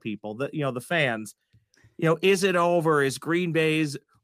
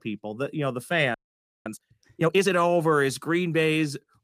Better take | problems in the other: first | audio freezing; at 1 s for 0.5 s

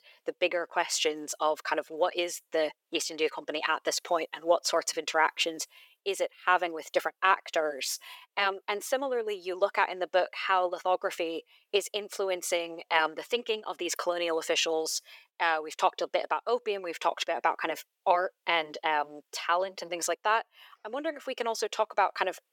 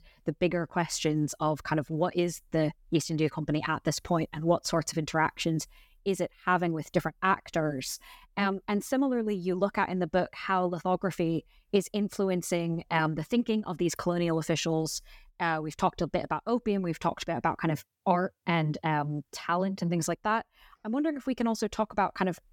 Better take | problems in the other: second | thin; very; fading below 450 Hz

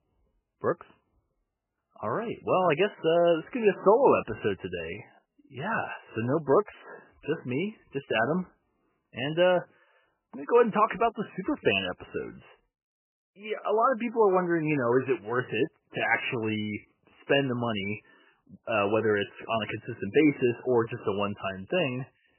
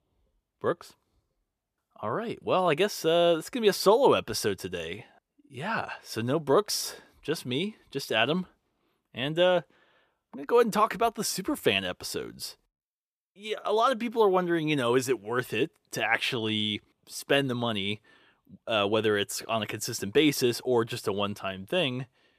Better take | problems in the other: second | garbled, watery; badly; nothing above 3 kHz

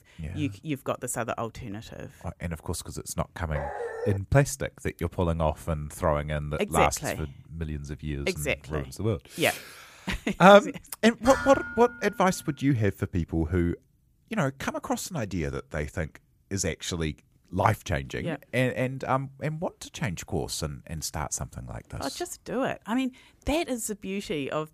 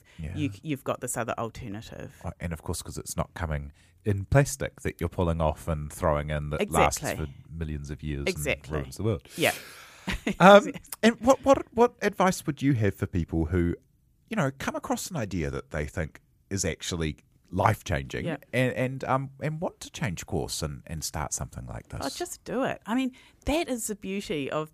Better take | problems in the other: second | dog barking; noticeable; at 3.5 s; peak 6 dB below the speech // clattering dishes; noticeable; at 11 s; peak 3 dB below the speech

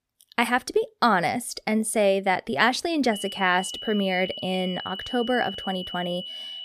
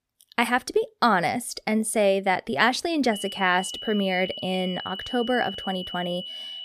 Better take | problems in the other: neither | high-pitched whine; loud; from 3 s on; 3 kHz, 9 dB below the speech; the same in both

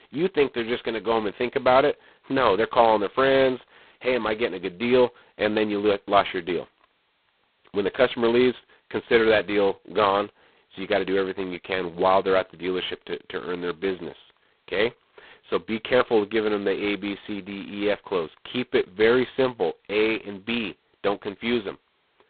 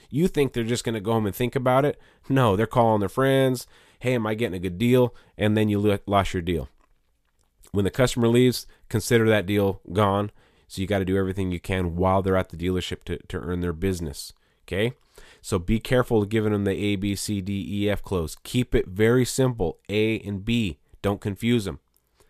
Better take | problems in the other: second | phone-call audio; poor line; nothing above 4 kHz

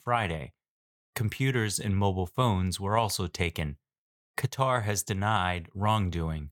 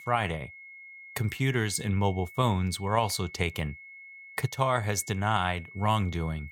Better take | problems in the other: first | high-pitched whine; noticeable; throughout; 2 kHz, 15 dB below the speech

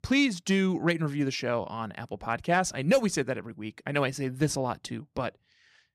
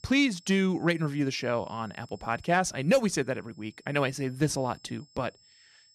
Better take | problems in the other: first | high-pitched whine; faint; throughout; 5 kHz, 30 dB below the speech

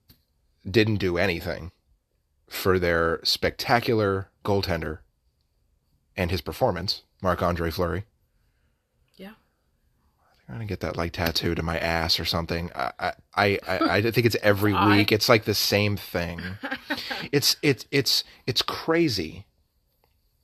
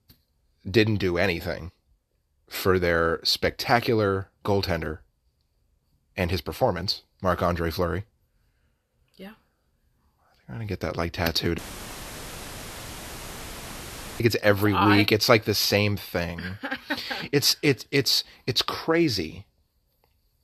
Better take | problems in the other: first | audio cutting out; filled with static; at 12 s for 2.5 s

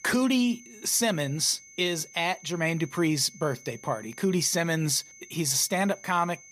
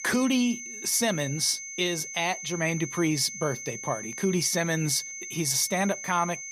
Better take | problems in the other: first | high-pitched whine; loud; throughout; 6 kHz, 9 dB below the speech; faint in the first

